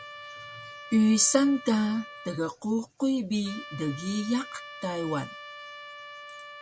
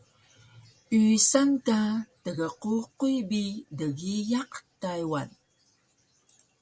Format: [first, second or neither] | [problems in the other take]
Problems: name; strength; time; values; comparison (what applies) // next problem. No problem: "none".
second | background sound (Trumpet); 15 dB below the speech